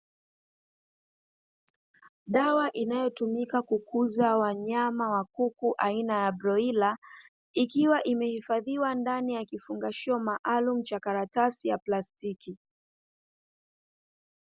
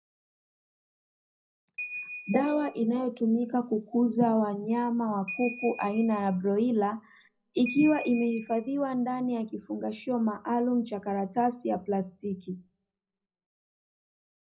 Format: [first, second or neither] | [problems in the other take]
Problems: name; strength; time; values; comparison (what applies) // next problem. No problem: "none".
first | background sound (Ringtone / Bell); 11 dB below the speech // room echo; dies away in 0.4 s